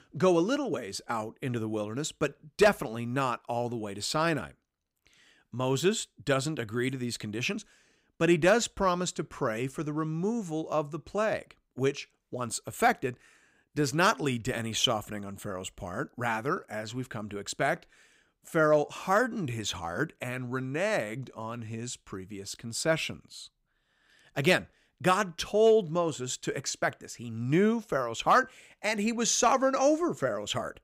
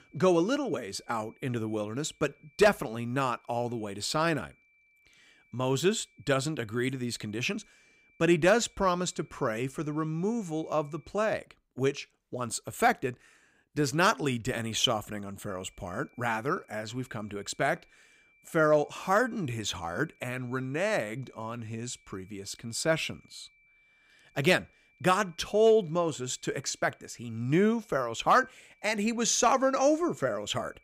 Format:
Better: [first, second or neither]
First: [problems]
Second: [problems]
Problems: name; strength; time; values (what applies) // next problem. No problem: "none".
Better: first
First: none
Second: high-pitched whine; faint; until 11 s and from 15 s on; 2.5 kHz, 35 dB below the speech